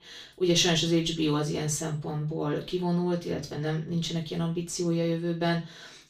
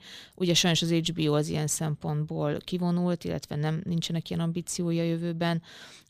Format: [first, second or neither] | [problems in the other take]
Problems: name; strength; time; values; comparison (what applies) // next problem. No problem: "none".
second | room echo; slight; dies away in 0.3 s // off-mic speech; far